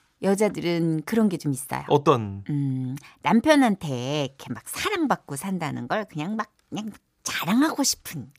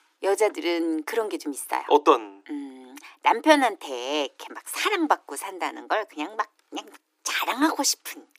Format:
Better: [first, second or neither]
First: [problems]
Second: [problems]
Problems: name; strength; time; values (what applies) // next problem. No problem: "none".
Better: first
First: none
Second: thin; somewhat; fading below 300 Hz